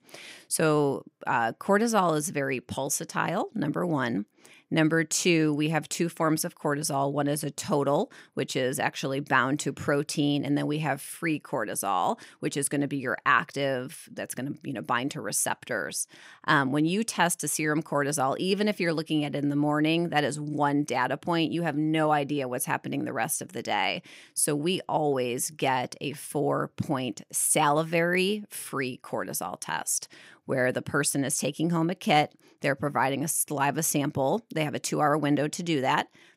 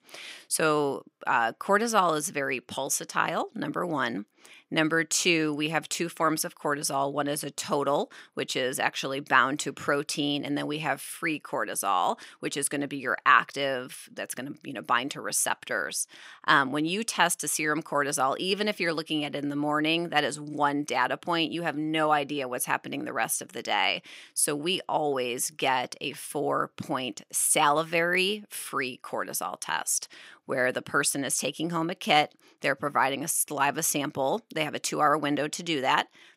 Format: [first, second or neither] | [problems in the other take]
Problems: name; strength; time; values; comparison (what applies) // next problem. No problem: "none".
first | thin; very slightly; fading below 350 Hz